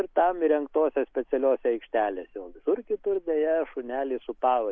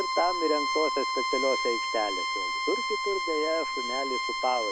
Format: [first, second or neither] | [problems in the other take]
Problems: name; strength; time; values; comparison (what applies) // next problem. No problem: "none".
first | background sound (Bowed string instrument); as loud as the speech